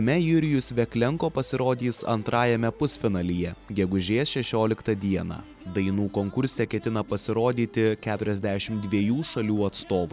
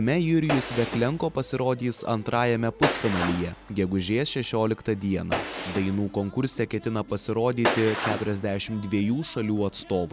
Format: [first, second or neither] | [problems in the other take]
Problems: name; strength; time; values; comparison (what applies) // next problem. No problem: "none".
first | background sound (Gunshot, gunfire); 8 dB below the speech